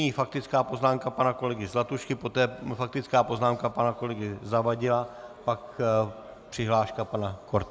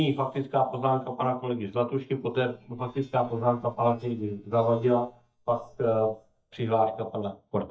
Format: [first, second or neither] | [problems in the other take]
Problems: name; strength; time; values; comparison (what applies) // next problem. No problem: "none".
first | noise reduction (neural mask model DeepFilterNet 3)